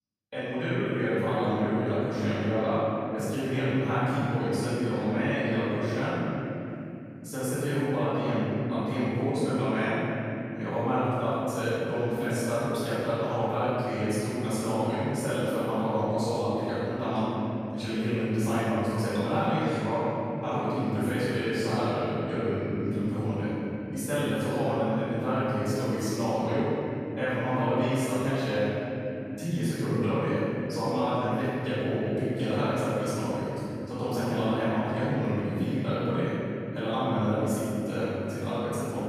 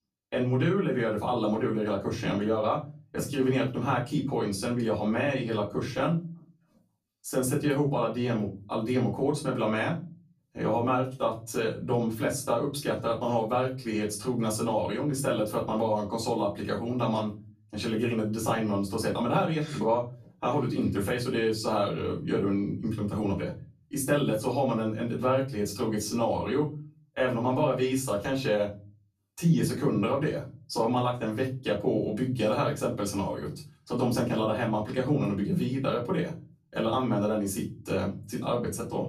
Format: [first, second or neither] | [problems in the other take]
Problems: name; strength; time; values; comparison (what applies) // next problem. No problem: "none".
second | room echo; strong; dies away in 3 s; slight in the second // off-mic speech; far; far in the second